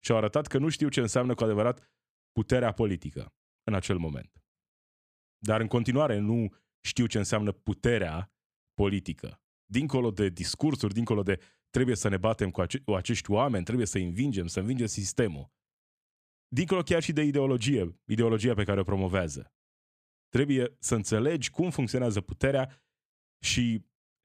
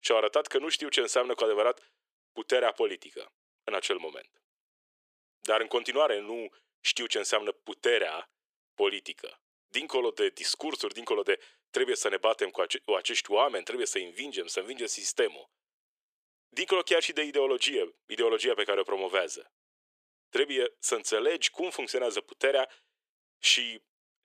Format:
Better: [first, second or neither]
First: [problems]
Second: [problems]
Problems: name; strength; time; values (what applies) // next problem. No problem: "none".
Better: first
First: none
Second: thin; very; fading below 400 Hz